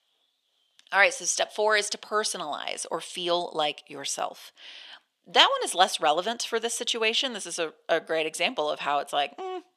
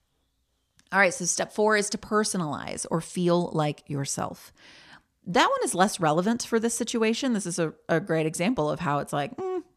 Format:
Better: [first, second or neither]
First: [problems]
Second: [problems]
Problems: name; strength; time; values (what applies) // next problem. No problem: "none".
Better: second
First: thin; very; fading below 500 Hz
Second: none